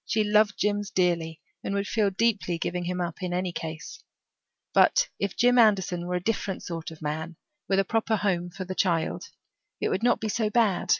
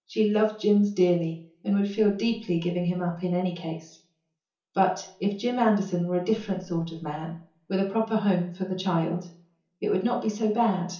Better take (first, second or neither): first